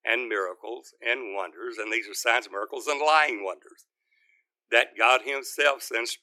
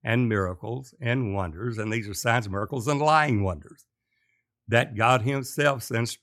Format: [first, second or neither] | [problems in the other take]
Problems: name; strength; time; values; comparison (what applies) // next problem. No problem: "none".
second | thin; very; fading below 350 Hz